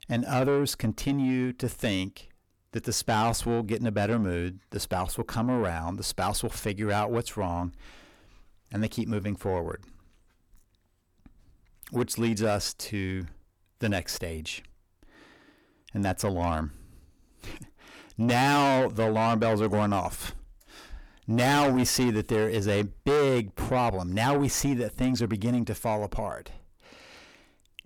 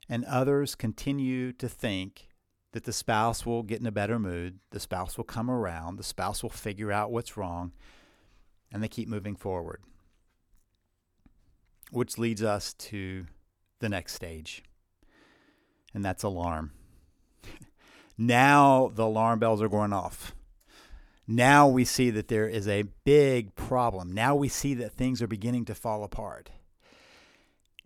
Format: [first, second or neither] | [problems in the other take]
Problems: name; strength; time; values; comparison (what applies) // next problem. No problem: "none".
second | distortion; heavy; 6 dB below the speech